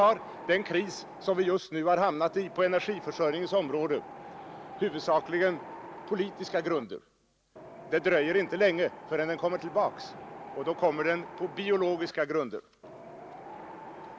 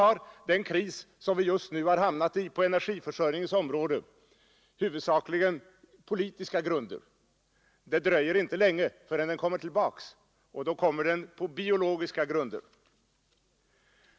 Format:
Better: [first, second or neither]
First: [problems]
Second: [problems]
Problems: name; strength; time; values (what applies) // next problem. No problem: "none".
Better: second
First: background sound (Wind); 15 dB below the speech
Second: none